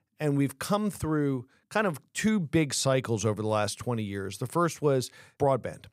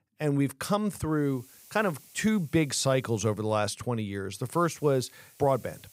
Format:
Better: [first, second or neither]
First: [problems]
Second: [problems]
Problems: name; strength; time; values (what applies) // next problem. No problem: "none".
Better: first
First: none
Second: hiss; faint; from 1 to 3.5 s and from 4.5 s on; 25 dB below the speech